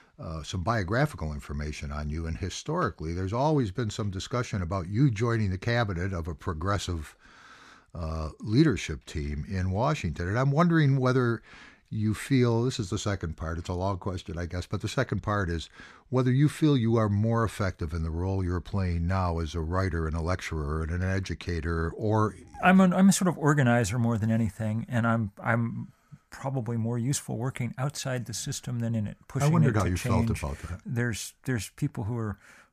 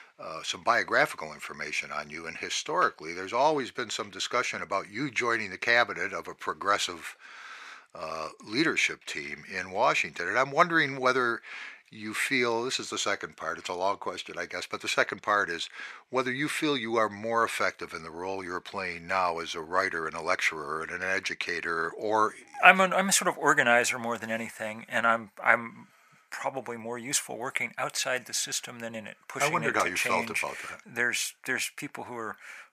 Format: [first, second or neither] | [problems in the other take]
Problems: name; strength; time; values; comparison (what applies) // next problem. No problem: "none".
first | thin; very; fading below 550 Hz